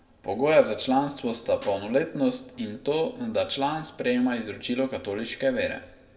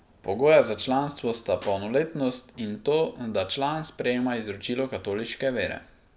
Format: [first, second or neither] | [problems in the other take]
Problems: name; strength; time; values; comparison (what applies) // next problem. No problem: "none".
second | room echo; dies away in 1.4 s